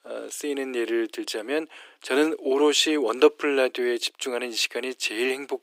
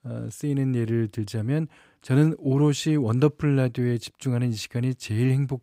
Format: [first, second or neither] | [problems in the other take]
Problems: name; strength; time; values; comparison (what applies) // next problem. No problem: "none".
second | thin; very; fading below 350 Hz